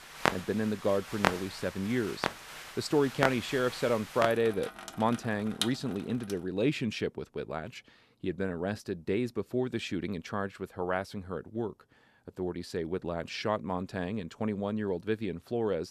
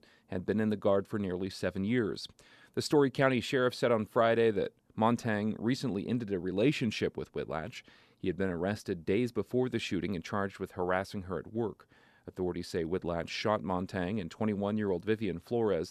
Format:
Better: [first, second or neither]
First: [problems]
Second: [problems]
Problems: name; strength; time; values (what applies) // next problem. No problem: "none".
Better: second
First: household noises; loud; until 6 s; 4 dB below the speech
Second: none